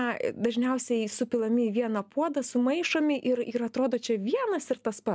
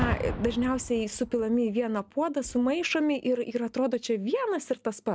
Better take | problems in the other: first | background sound (Boom); 12 dB below the speech

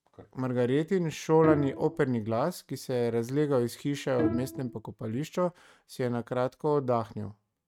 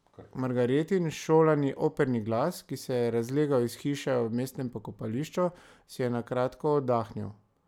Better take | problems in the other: second | noise reduction (neural mask model RNNoise)

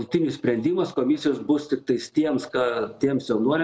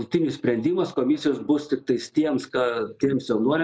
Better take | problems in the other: first | noise reduction (neural mask model Resemble Enhance denoiser)

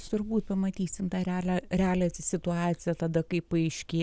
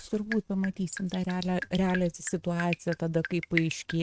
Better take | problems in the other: first | noise reduction (neural mask model RNNoise)

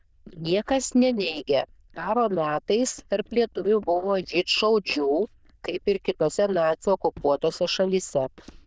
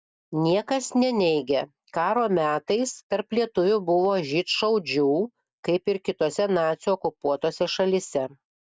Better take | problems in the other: second | noise reduction (neural diffusion model UNIVERSE++)

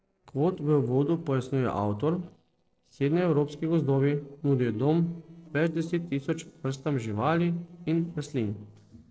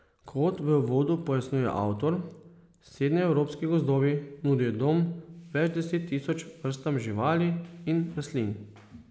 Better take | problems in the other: second | noise reduction (neural separator model SepFormer DNS4)

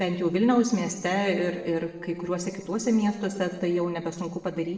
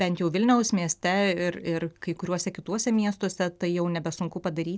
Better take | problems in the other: second | noise reduction (neural separator model SepFormer DNS4)

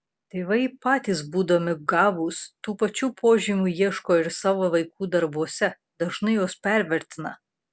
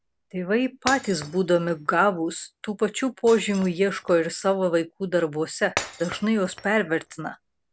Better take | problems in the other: first | background sound (Shatter); 16 dB below the speech

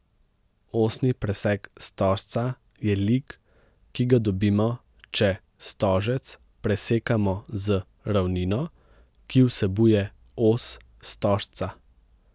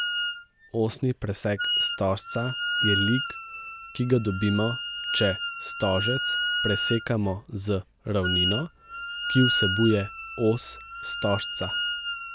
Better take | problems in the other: first | background sound (Wind instrument, woodwind instrument); 3 dB below the speech

